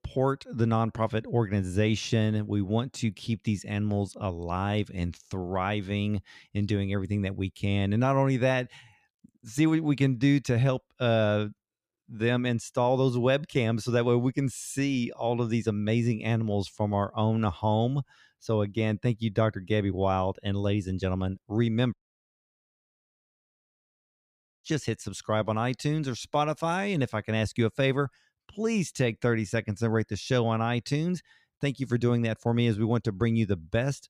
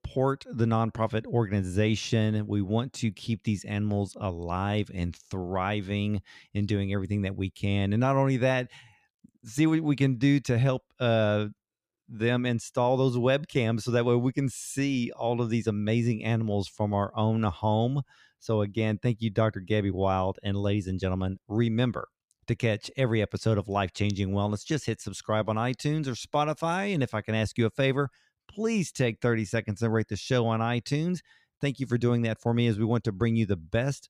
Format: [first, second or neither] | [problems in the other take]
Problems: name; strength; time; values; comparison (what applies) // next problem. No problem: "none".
second | audio cutting out; at 22 s for 2.5 s